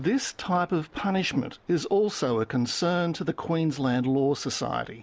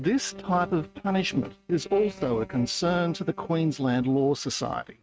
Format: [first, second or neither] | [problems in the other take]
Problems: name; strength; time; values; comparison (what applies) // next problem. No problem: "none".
first | noise reduction (neural mask model RNNoise)